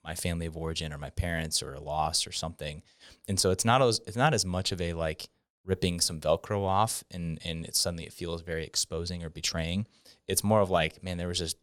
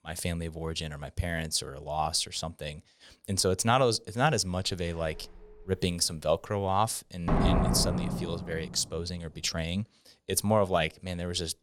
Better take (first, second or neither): first